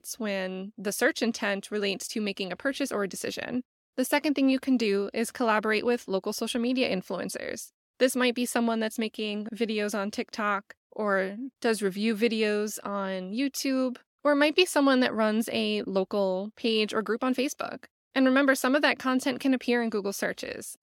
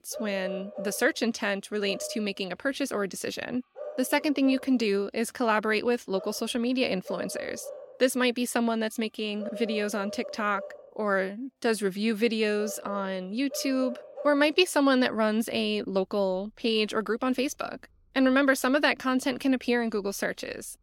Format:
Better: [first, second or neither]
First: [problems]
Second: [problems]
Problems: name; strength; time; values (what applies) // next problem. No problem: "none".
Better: first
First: none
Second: animal sounds; noticeable; throughout; 15 dB below the speech